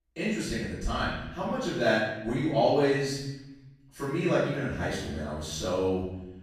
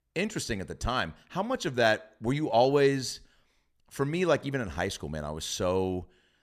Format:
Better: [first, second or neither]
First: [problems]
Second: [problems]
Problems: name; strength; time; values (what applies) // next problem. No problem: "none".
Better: second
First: off-mic speech; far // room echo; strong; dies away in 0.9 s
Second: none